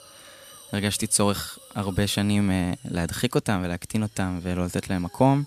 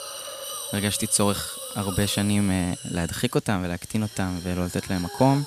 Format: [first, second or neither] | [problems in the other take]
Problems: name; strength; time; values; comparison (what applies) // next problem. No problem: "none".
first | hiss; loud; throughout; 9 dB below the speech; faint in the first